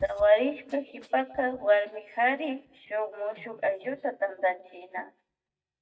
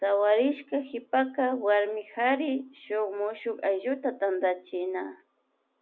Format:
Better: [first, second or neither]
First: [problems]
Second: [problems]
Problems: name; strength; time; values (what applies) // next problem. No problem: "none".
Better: second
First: noise reduction (neural mask model DeepFilterNet 3)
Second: none